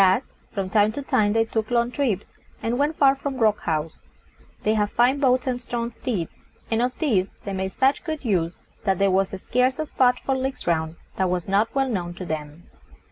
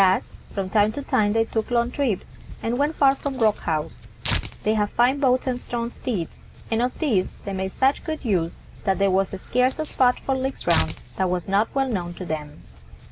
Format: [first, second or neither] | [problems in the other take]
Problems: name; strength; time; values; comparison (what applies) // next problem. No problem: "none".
first | background sound (Tearing); 13 dB below the speech